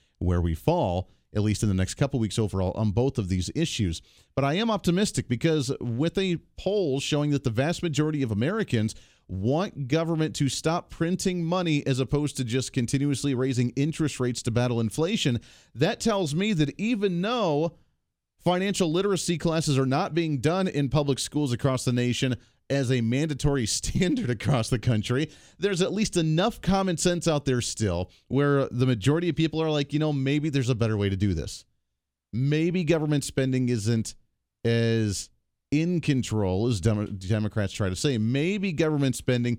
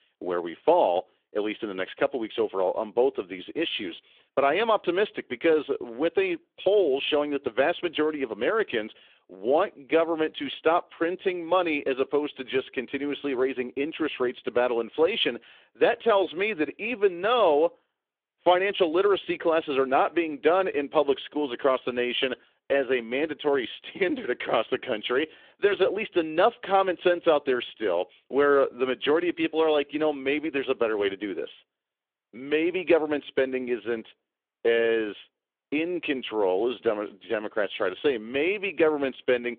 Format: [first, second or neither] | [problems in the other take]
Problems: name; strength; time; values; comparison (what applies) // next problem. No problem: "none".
first | phone-call audio; nothing above 3.5 kHz